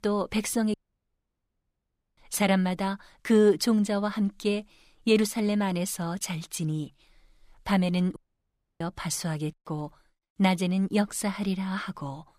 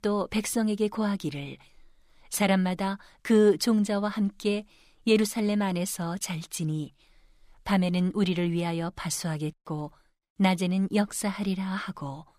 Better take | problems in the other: second | audio cutting out; at 0.5 s for 1.5 s and at 8 s for 0.5 s

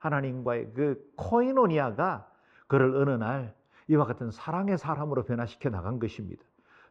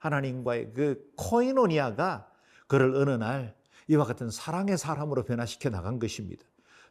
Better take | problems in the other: second | muffled; very; fading above 2 kHz

